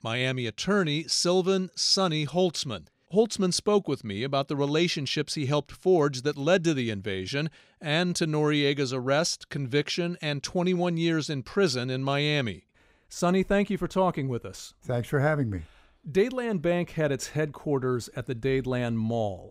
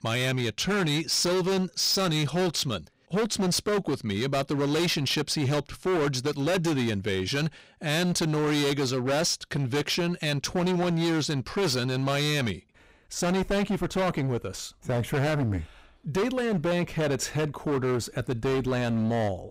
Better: first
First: none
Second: distortion; heavy; 24% of the sound clipped

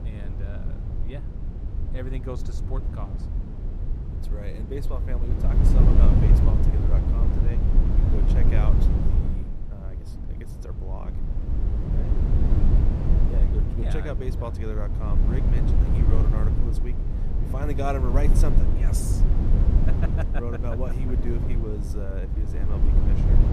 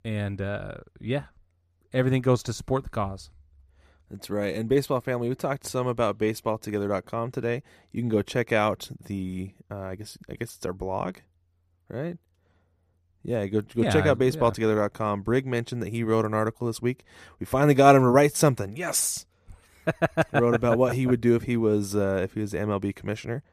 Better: second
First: low rumble; loud; throughout; as loud as the speech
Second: none

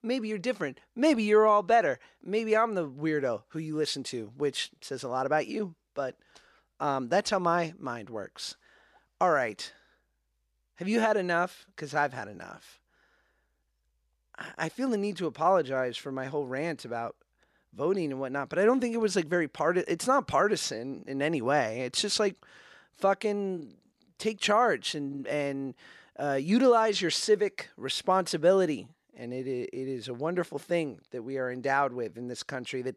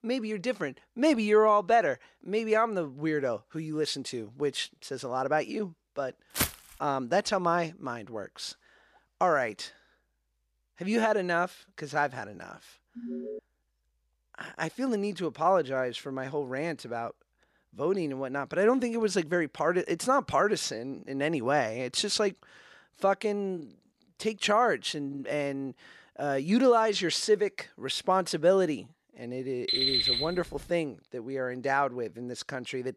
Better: first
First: none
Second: footsteps; noticeable; at 6.5 s; peak 1 dB below the speech // alarm; noticeable; at 13 s; peak 8 dB below the speech // alarm; loud; at 30 s; peak 6 dB above the speech

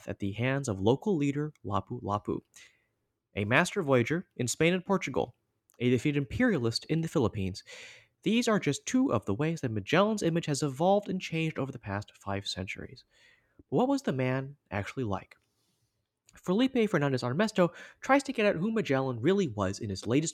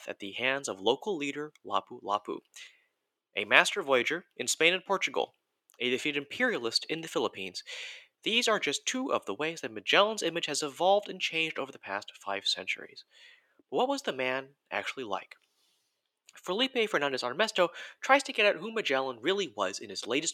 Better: first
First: none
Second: thin; somewhat; fading below 500 Hz

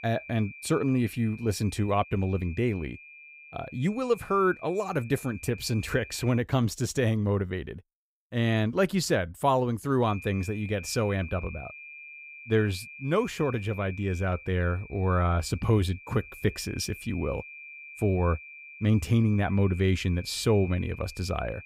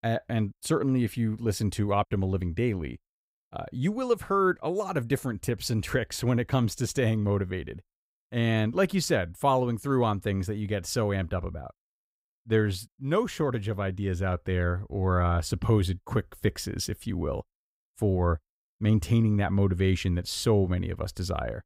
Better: second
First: high-pitched whine; noticeable; until 6.5 s and from 10 s on; 2.5 kHz, 15 dB below the speech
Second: none

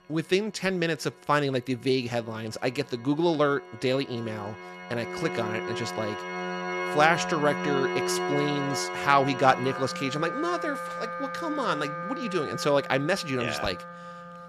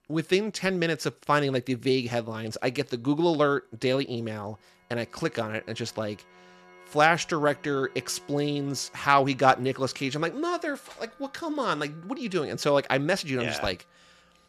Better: second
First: background music; loud; throughout; 6 dB below the speech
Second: background music; faint; throughout; 25 dB below the speech

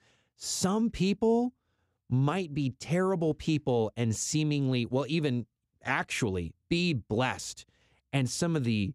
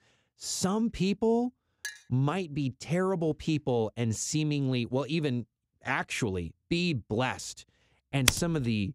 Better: first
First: none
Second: clattering dishes; faint; at 2 s; peak 10 dB below the speech // keyboard typing; loud; at 8.5 s; peak 3 dB above the speech

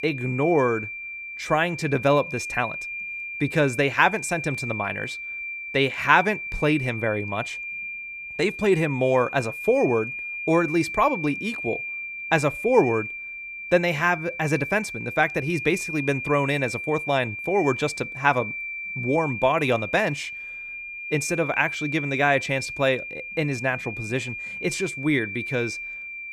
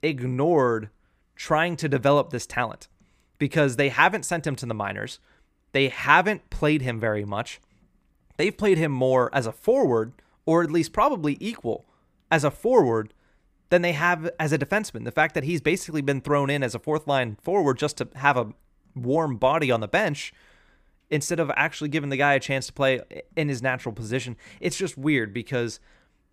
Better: second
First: high-pitched whine; loud; throughout; 2.5 kHz, 7 dB below the speech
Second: none

